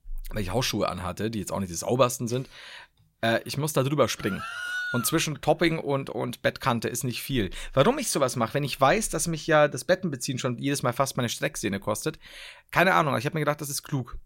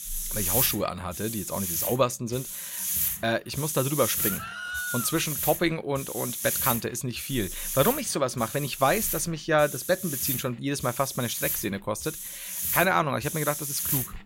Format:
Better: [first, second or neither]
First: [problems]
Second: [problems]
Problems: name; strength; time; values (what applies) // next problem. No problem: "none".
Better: first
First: none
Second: hiss; loud; throughout; 1 dB below the speech